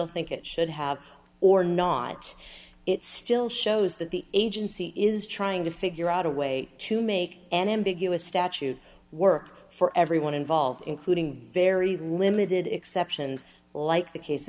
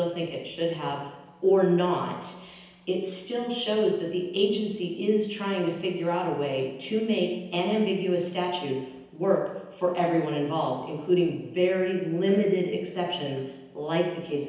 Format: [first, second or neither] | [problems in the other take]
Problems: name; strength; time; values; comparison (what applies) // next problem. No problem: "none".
first | room echo; dies away in 0.9 s